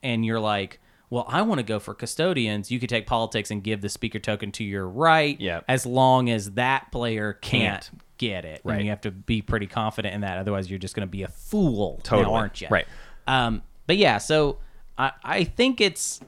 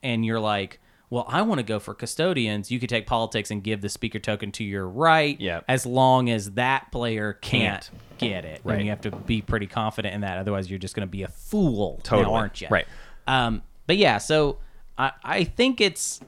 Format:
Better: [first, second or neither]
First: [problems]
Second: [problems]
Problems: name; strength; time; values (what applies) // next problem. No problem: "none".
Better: first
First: none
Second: footsteps; faint; from 8 to 9.5 s; peak 10 dB below the speech